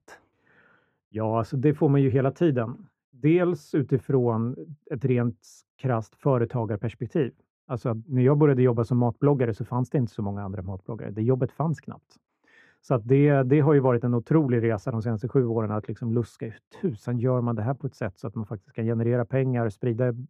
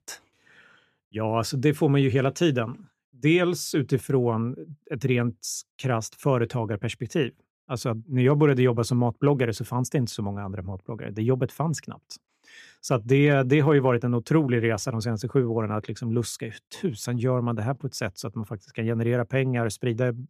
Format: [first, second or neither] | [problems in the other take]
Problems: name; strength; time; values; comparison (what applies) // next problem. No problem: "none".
second | muffled; very; fading above 2.5 kHz